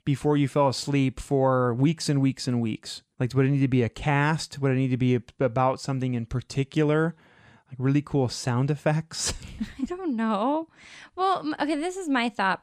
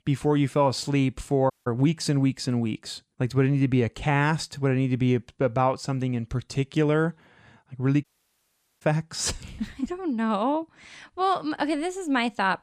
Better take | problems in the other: first | audio cutting out; at 1.5 s and at 8 s for 1 s

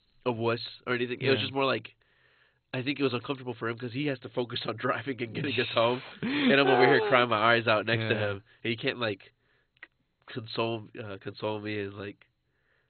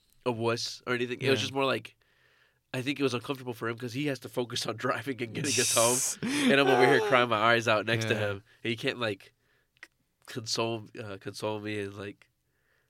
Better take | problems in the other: second | garbled, watery; badly; nothing above 4 kHz

